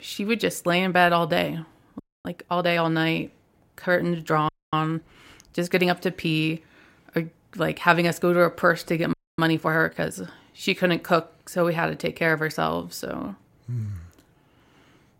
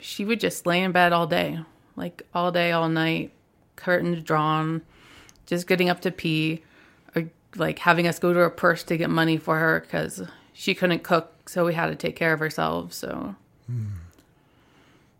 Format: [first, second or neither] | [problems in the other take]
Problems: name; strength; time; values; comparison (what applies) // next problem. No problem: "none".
second | audio freezing; at 2 s, at 4.5 s and at 9 s